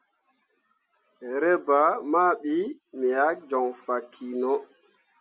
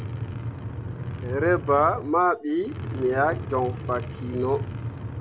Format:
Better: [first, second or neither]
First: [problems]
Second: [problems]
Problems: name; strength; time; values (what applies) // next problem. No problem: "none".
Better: first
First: none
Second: background sound (Truck); 6 dB below the speech